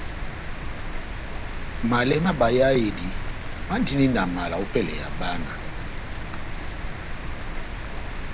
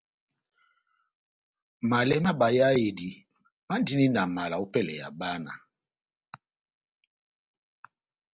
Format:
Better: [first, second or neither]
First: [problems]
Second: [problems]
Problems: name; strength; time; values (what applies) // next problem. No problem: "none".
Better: second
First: background sound (Rain); 3 dB below the speech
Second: none